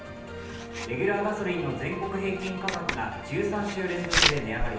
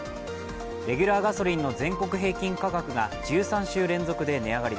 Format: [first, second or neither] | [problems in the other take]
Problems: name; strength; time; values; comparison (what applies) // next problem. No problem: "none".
second | background sound (Writing); 3 dB below the speech // room echo; dies away in 0.9 s